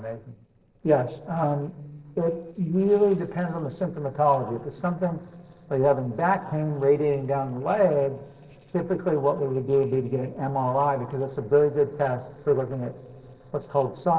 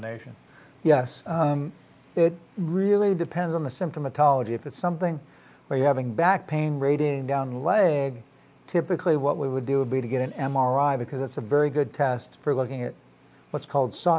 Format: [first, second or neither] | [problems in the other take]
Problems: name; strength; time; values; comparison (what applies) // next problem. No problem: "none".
second | noise reduction (neural separator model SepFormer DNS4)